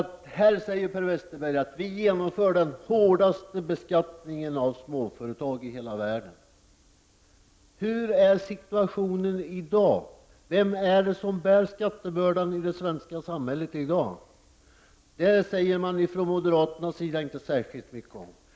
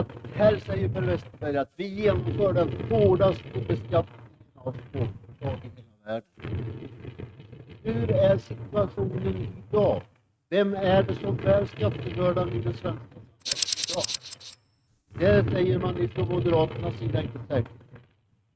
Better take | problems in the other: first | noise reduction (neural mask model RNNoise)

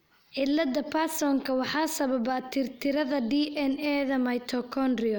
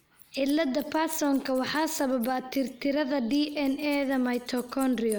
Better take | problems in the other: first | noise reduction (neural mask model Resemble Enhance denoiser)

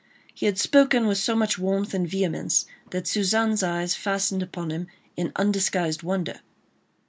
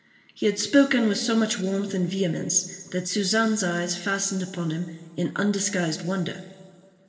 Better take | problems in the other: first | room echo; dies away in 1.7 s

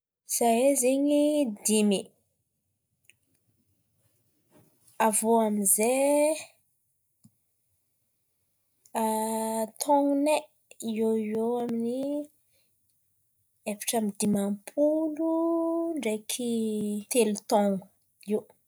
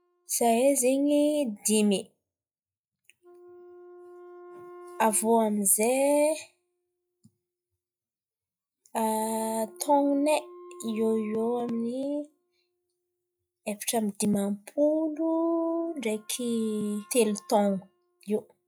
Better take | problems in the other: first | noise reduction (classical method log-MMSE)

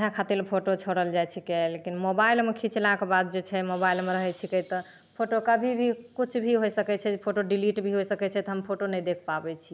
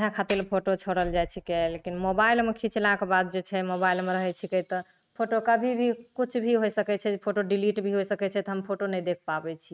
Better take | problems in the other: first | noise reduction (neural mask model RNNoise)

